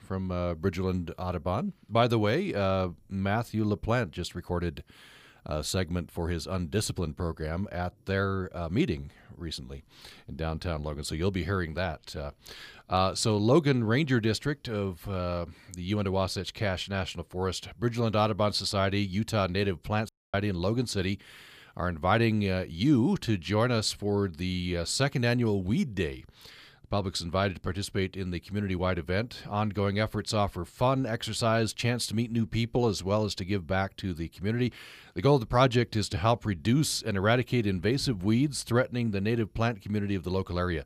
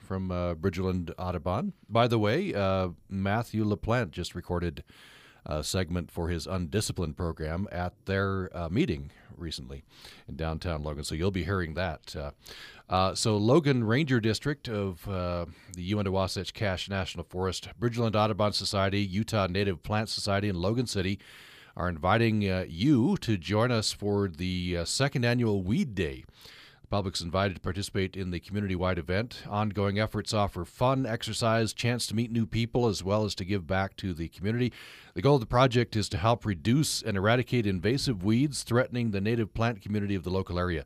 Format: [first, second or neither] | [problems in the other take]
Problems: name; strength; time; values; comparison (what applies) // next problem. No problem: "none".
second | audio cutting out; at 20 s